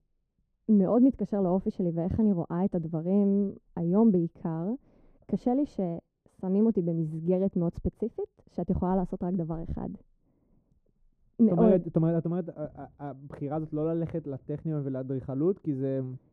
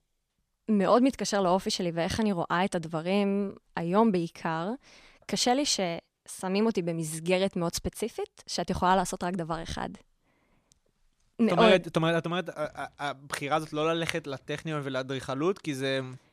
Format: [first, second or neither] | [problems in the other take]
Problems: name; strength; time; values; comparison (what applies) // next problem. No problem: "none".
second | muffled; very; fading above 1 kHz